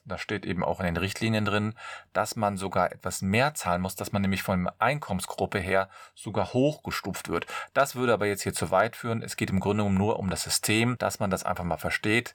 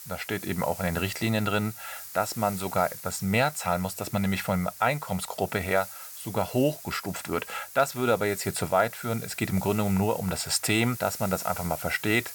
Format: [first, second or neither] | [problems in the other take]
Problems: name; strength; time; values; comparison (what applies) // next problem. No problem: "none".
first | hiss; noticeable; throughout; 10 dB below the speech